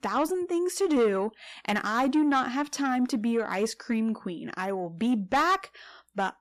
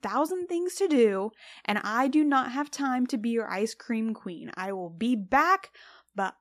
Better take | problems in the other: second | distortion; slight; 10 dB below the speech

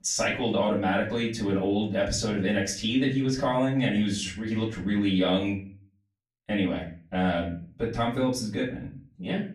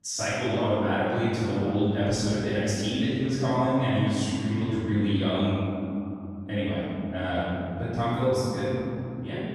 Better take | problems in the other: first | room echo; strong; dies away in 3 s; slight in the first // off-mic speech; far; far in the first

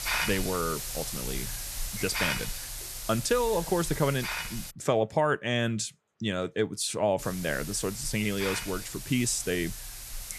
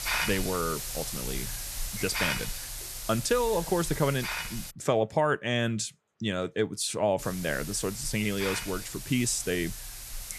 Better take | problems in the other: neither | hiss; loud; until 4.5 s and from 7 s on; 5 dB below the speech; the same in both

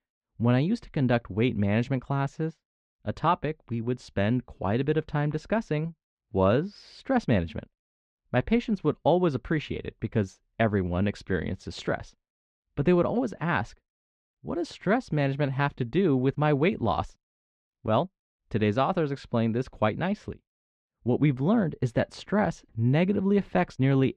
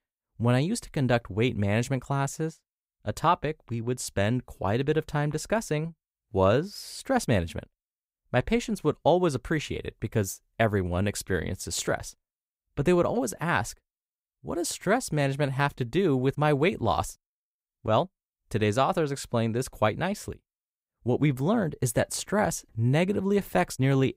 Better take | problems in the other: second | muffled; slightly; fading above 4 kHz

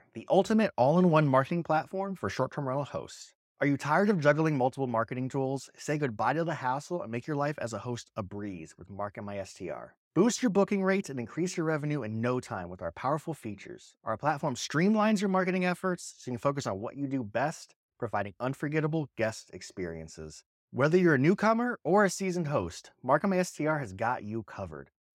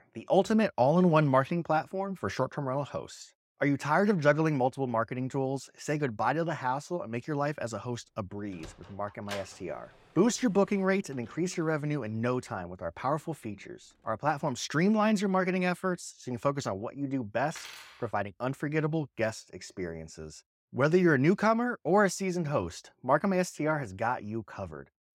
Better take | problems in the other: first | door banging; faint; from 8.5 to 11 s; peak 15 dB below the speech // clattering dishes; faint; at 18 s; peak 15 dB below the speech

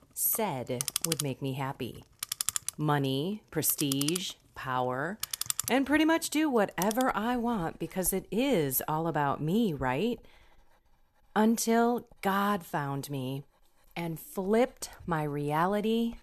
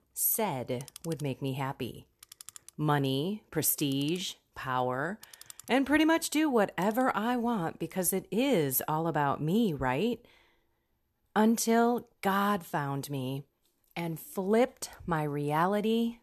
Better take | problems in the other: second | household noises; loud; throughout; 4 dB below the speech; faint in the second

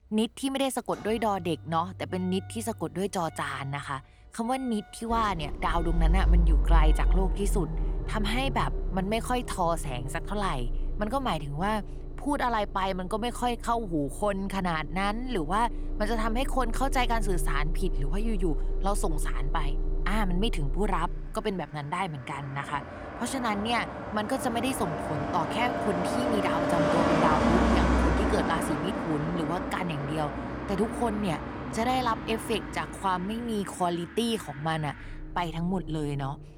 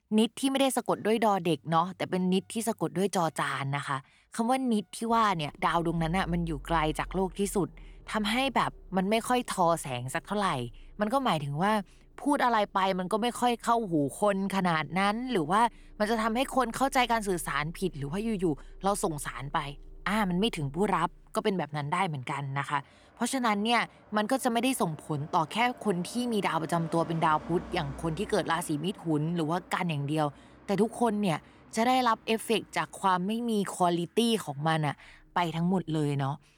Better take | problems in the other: second | traffic noise; loud; throughout; 1 dB below the speech; faint in the second

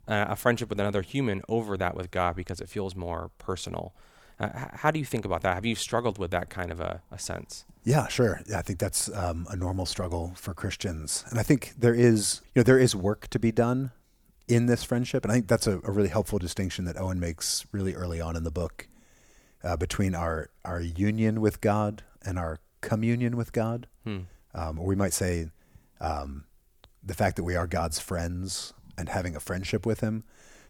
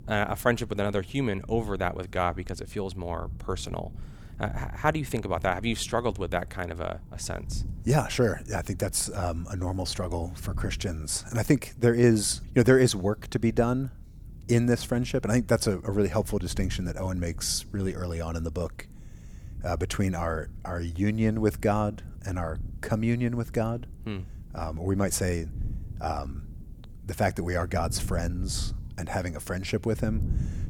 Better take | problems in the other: first | wind noise on the microphone; occasional gusts; 25 dB below the speech

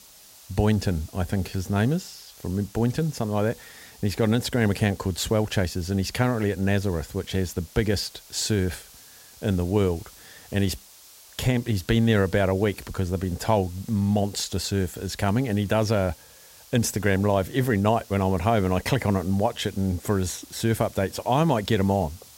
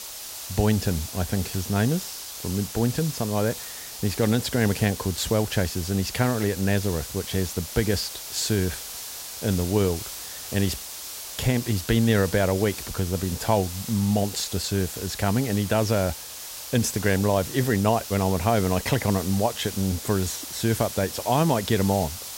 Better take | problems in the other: first | hiss; loud; throughout; 9 dB below the speech; faint in the first

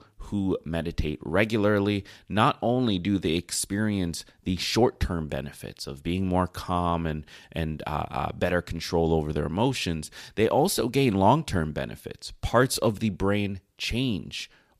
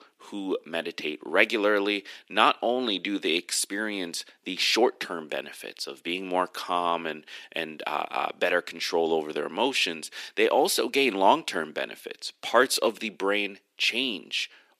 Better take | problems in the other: first | thin; somewhat; fading below 300 Hz

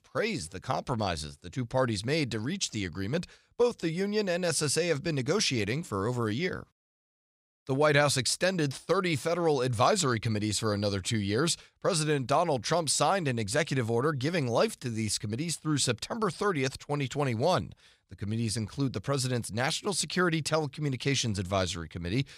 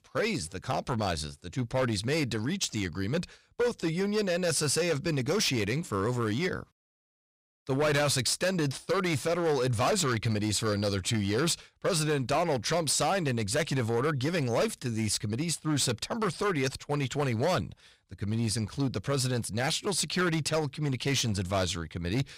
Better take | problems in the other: first | distortion; slight; 10% of the sound clipped

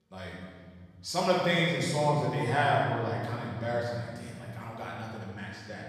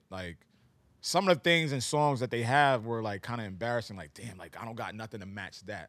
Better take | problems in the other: second | off-mic speech; far // room echo; strong; dies away in 2.1 s

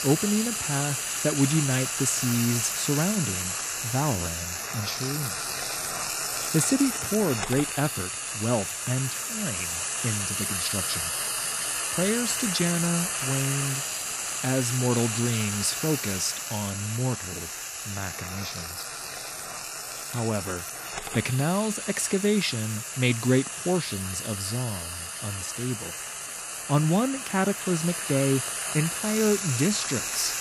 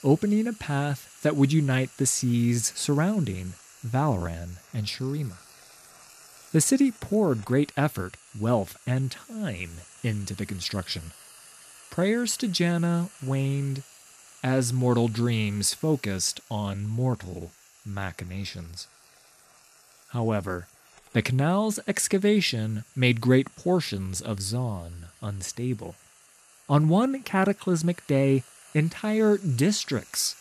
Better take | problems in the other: second | household noises; loud; throughout; 1 dB below the speech; faint in the second

